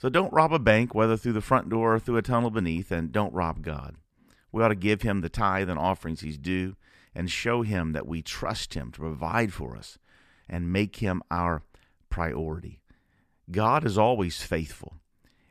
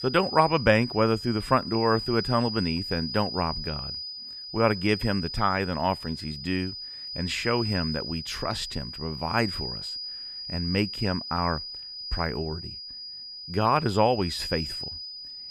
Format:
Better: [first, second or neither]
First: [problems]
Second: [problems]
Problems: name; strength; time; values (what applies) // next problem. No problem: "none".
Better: first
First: none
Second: high-pitched whine; loud; throughout; 5 kHz, 7 dB below the speech